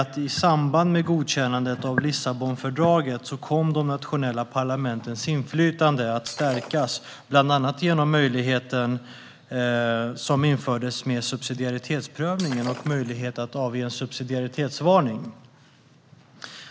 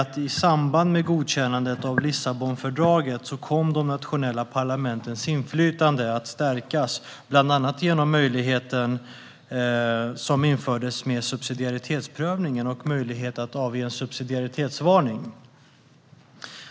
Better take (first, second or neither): second